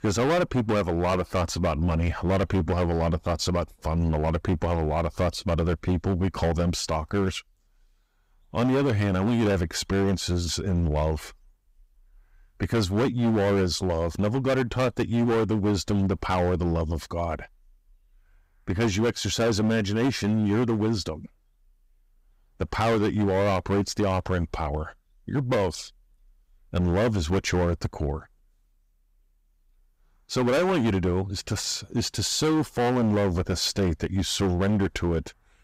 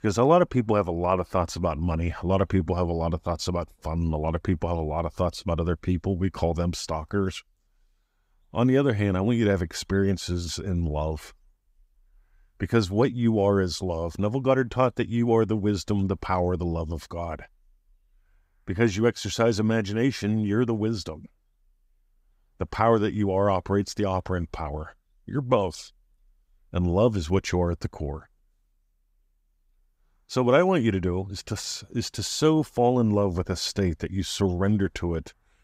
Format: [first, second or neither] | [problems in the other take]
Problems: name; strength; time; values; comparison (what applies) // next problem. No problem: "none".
second | distortion; heavy; 14% of the sound clipped